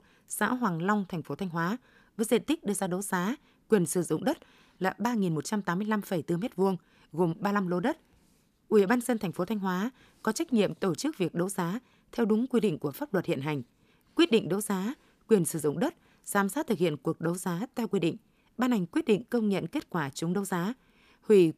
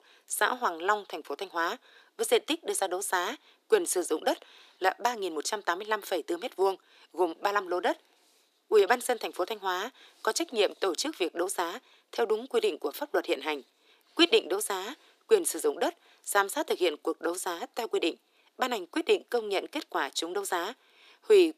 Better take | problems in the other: first | thin; very; fading below 350 Hz

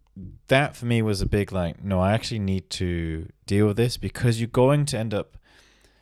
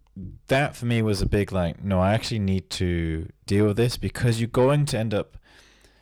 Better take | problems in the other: first | distortion; slight; 10 dB below the speech

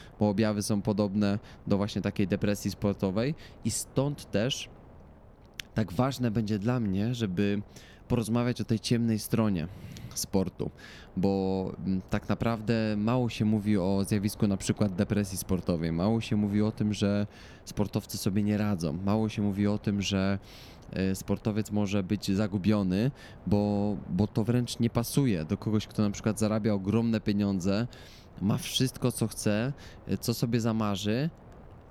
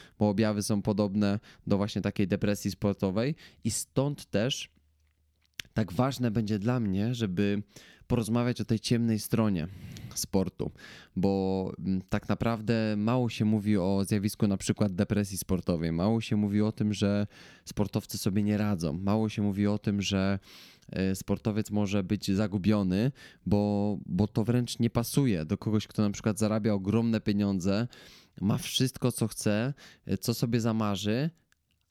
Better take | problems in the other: second | wind noise on the microphone; occasional gusts; 20 dB below the speech

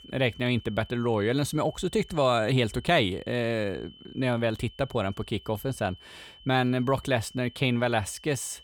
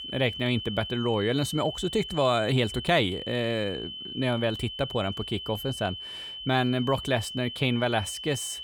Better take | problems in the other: first | high-pitched whine; loud; throughout; 3 kHz, 8 dB below the speech; faint in the first

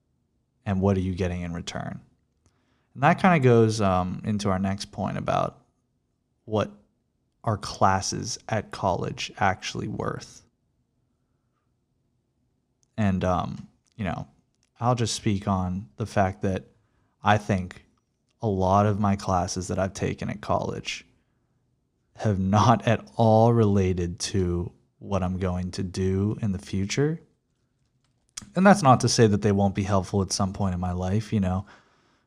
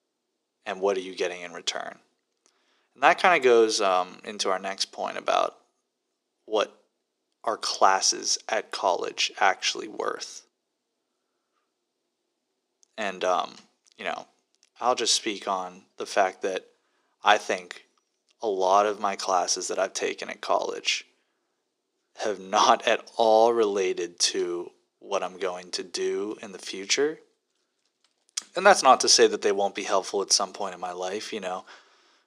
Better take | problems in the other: first | thin; very; fading below 350 Hz

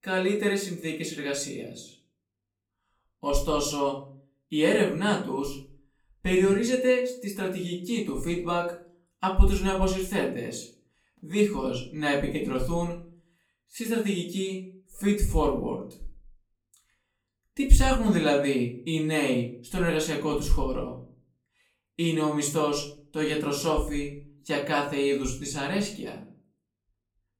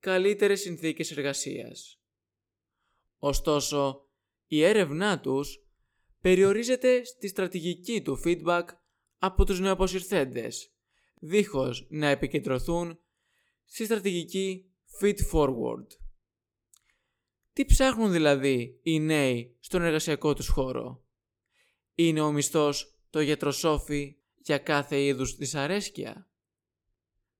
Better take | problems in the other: second | room echo; slight; dies away in 0.4 s // off-mic speech; far

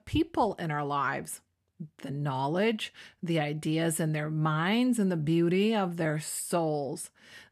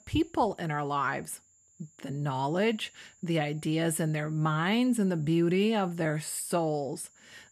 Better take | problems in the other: first | high-pitched whine; faint; throughout; 7.5 kHz, 30 dB below the speech

